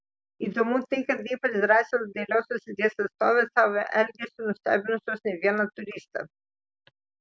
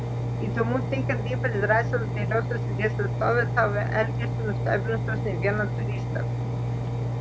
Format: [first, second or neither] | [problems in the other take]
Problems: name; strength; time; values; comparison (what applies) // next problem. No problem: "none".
first | background sound (Engine); 1 dB above the speech